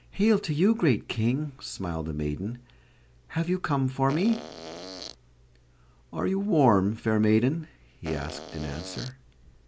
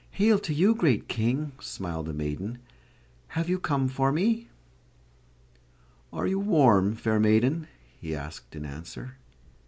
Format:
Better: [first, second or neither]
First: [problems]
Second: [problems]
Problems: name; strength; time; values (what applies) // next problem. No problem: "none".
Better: second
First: background sound (Fart); 12 dB below the speech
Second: none